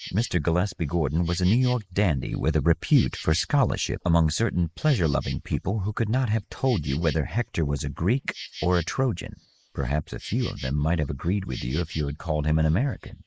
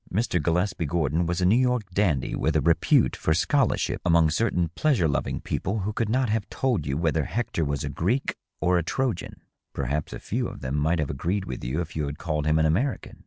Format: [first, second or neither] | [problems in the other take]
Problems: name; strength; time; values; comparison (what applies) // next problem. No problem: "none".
second | noise reduction (neural mask model Resemble Enhance denoiser)